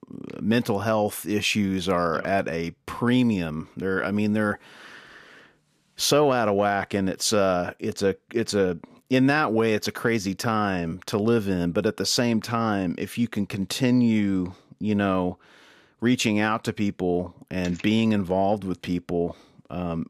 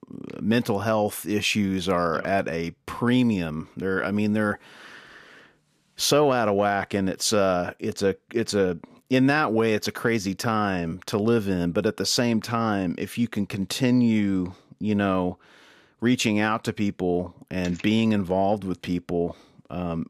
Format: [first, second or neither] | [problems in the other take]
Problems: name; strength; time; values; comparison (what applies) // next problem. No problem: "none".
neither | none